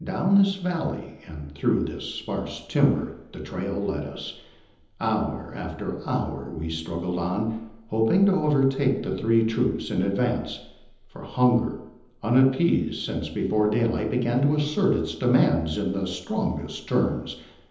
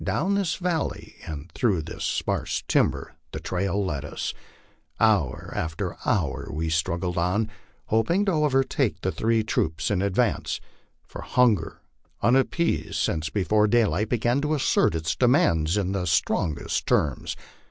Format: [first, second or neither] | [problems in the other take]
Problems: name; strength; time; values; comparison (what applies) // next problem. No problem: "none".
second | room echo; dies away in 0.9 s